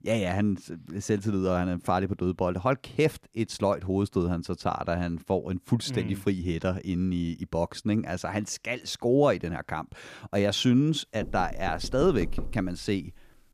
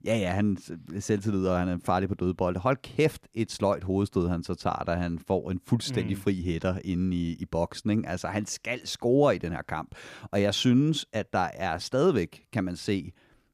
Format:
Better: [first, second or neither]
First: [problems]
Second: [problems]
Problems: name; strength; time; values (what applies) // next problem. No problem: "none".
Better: second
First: door banging; noticeable; from 11 to 13 s; peak 8 dB below the speech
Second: none